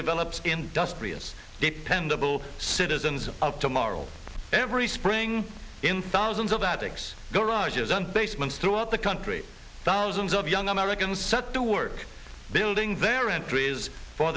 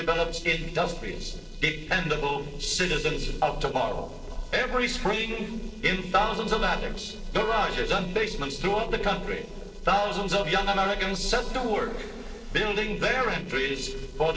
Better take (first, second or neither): first